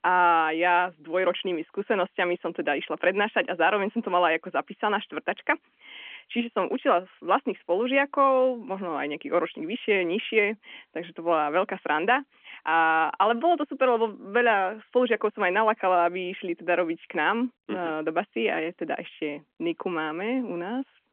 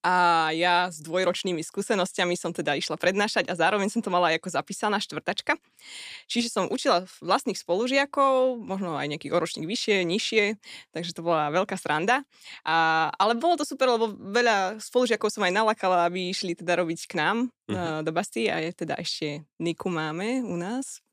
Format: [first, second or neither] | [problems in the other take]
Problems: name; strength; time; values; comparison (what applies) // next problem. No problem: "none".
second | phone-call audio